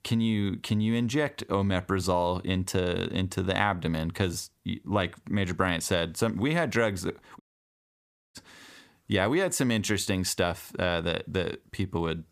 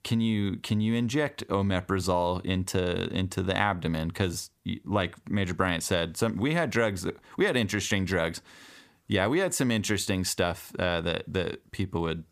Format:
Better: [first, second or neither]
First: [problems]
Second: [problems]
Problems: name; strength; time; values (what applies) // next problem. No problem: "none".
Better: second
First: audio cutting out; at 7.5 s for 1 s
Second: none